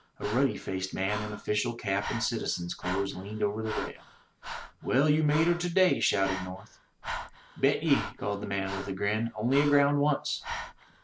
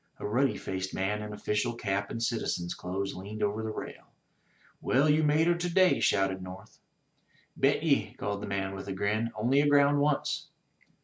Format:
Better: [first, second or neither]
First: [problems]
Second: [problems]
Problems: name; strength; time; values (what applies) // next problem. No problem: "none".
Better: second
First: background sound (Breathing); 12 dB below the speech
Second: none